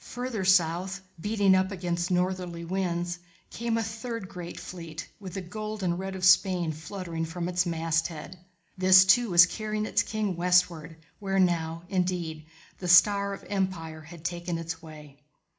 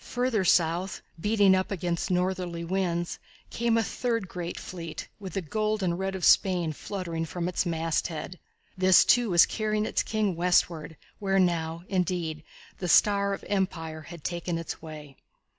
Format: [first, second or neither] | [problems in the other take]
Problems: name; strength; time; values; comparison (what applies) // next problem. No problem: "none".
second | room echo; dies away in 0.4 s